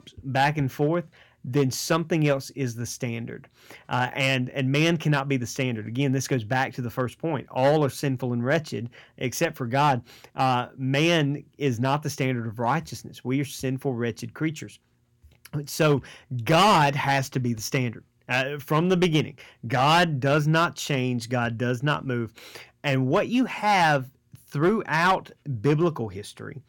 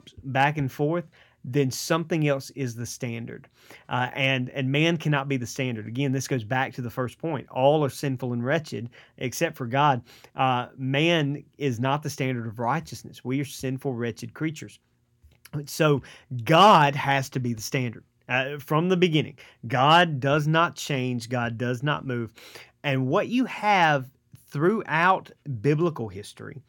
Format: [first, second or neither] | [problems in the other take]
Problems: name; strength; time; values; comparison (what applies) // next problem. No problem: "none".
second | distortion; slight; 3% of the sound clipped